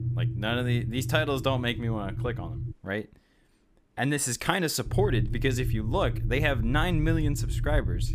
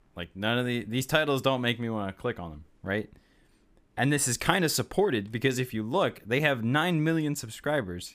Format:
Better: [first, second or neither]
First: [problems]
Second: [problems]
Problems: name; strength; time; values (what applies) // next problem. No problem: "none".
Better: second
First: low rumble; noticeable; until 2.5 s and from 5 s on; 15 dB below the speech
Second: none